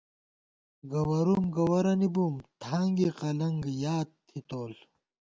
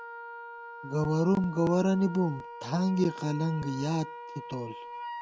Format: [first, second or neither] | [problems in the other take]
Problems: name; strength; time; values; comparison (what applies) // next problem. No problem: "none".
first | background sound (Wind instrument, woodwind instrument); 13 dB below the speech